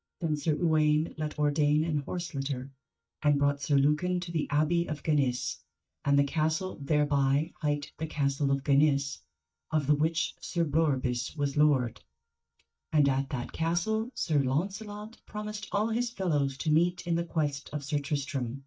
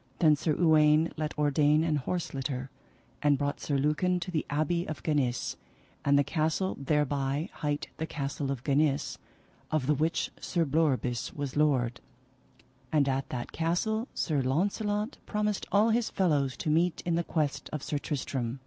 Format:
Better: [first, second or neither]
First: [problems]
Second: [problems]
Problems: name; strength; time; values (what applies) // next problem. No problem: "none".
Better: second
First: noise reduction (neural mask model DeepFilterNet 3)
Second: none